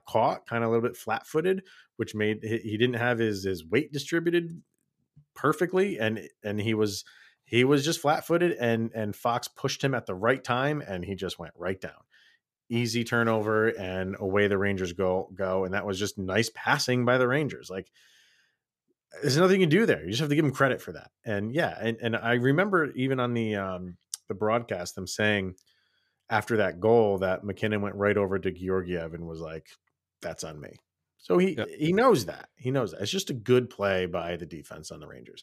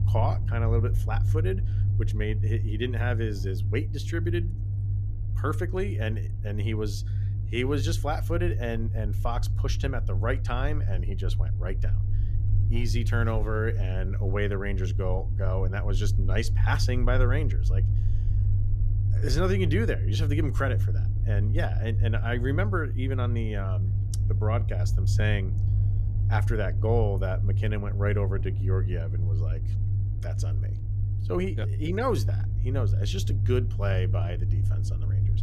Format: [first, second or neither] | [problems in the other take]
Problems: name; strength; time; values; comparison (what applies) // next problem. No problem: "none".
first | low rumble; loud; throughout; 9 dB below the speech